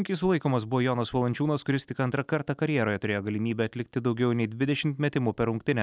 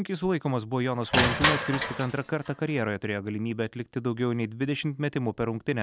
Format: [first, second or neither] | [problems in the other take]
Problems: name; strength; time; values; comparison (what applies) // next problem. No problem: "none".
first | background sound (Crushing); 3 dB below the speech